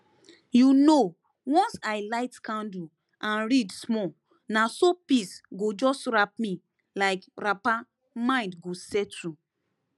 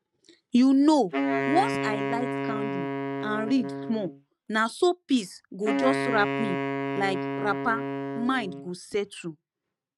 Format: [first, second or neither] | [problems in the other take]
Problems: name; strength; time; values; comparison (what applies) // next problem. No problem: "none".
first | noise reduction (neural mask model RNNoise)